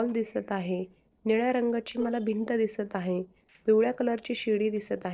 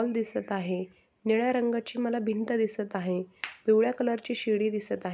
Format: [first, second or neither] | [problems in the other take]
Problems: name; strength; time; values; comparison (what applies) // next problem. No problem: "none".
second | noise reduction (neural separator model SepFormer DNS4)